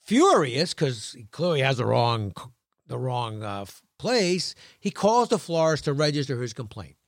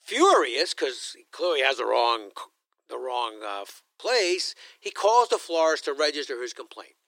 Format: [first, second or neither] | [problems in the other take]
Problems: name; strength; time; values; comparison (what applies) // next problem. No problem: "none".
first | thin; very; fading below 350 Hz